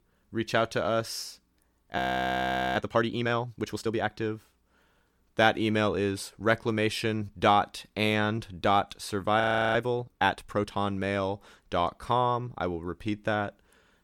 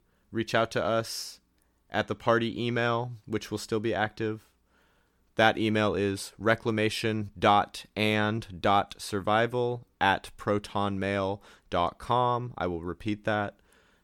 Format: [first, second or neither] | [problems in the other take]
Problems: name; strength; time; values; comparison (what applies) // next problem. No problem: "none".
second | audio freezing; at 2 s for 1 s and at 9.5 s